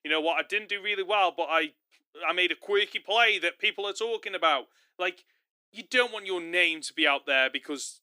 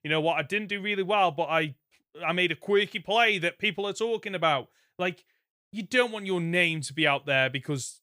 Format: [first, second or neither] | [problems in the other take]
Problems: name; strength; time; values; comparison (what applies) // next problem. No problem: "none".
second | thin; somewhat; fading below 300 Hz